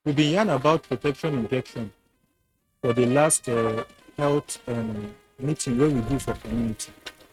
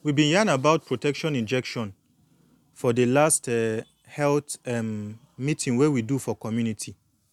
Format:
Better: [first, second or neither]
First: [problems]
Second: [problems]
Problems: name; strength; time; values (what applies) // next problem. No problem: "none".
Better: second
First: noise reduction (neural mask model RNNoise)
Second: none